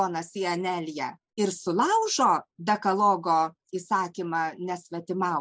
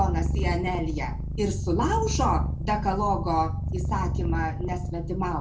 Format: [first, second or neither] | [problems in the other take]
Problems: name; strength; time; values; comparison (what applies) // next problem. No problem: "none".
first | background sound (Purr); as loud as the speech // room echo; dies away in 0.3 s